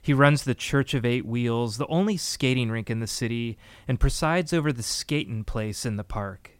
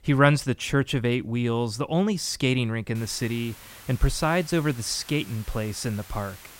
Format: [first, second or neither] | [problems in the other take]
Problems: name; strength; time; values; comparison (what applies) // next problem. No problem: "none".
first | hiss; noticeable; from 3 s on; 20 dB below the speech